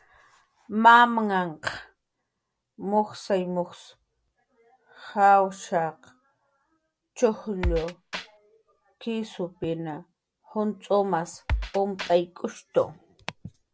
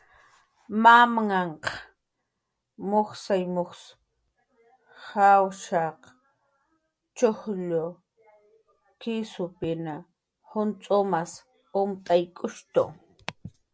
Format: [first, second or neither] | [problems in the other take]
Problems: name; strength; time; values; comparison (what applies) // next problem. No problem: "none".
second | background sound (Drum kit); 5 dB below the speech